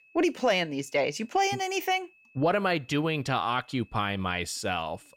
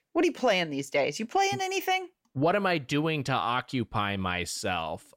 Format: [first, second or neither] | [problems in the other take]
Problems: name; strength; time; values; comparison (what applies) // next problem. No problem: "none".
second | high-pitched whine; faint; throughout; 2.5 kHz, 30 dB below the speech